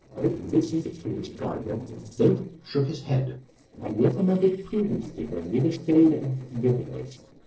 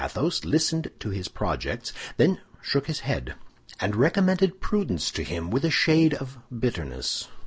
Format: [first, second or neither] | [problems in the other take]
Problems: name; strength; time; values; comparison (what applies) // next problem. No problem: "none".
second | noise reduction (neural separator model SepFormer DNS4)